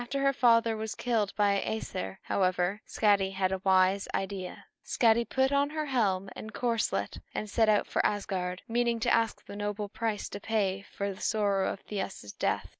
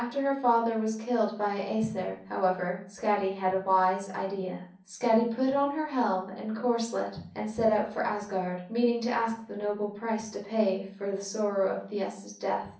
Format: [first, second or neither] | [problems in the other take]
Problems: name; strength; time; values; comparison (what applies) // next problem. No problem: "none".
first | room echo; dies away in 0.6 s